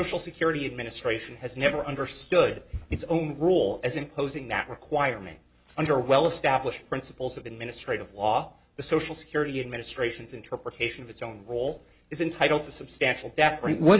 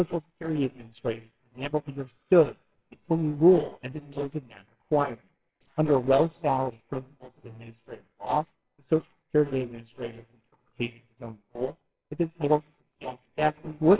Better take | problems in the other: first | noise reduction (neural separator model SepFormer WHAMR!)

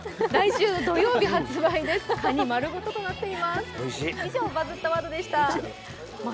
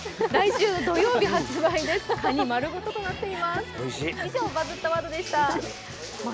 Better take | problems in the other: first | background sound (Crushing); 17 dB below the speech

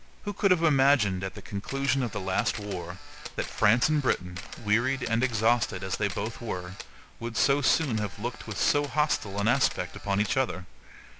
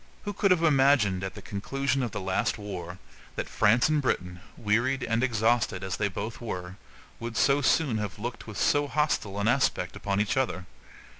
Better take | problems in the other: second | background sound (Camera); 15 dB below the speech

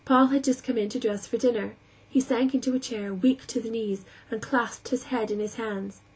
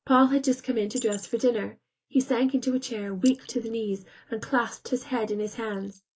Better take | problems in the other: first | noise reduction (neural mask model Resemble Enhance denoiser)

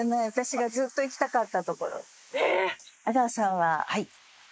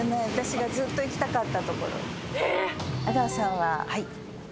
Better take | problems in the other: second | noise reduction (neural mask model Resemble Enhance denoiser)

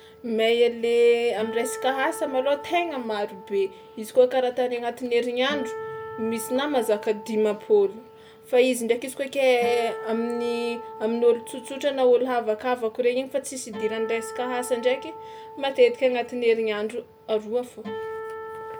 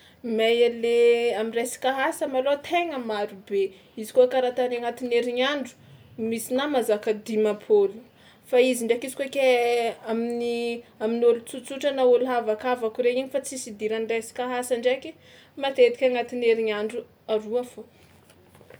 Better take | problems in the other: second | background sound (Acoustic guitar); 14 dB below the speech

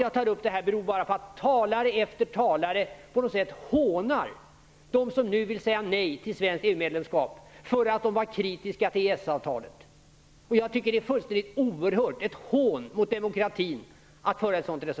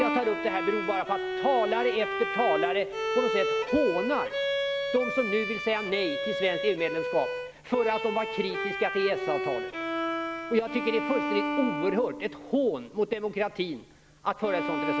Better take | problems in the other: first | background sound (Bowed string instrument); 3 dB below the speech

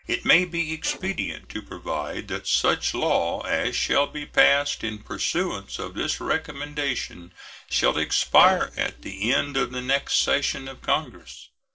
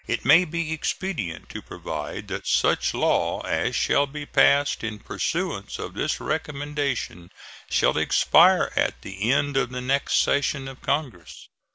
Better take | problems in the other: second | noise reduction (neural separator model SepFormer DNS4)

